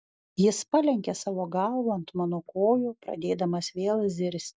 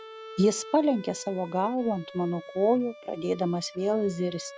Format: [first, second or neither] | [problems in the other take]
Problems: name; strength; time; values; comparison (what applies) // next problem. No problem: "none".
first | background sound (Bowed string instrument); 18 dB below the speech